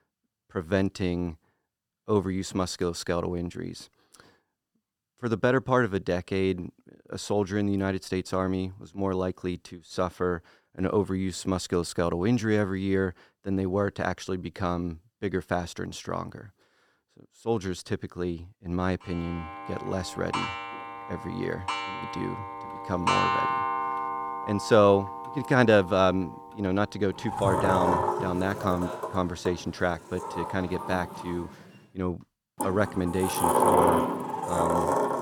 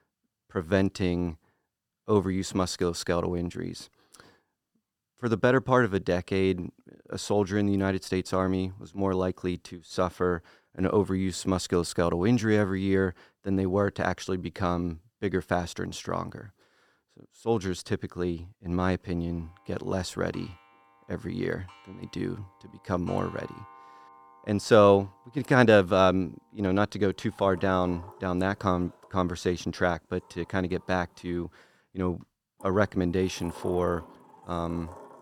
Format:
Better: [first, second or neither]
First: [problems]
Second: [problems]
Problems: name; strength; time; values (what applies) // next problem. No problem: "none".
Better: second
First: household noises; loud; from 19 s on; 1 dB below the speech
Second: household noises; faint; from 19 s on; 25 dB below the speech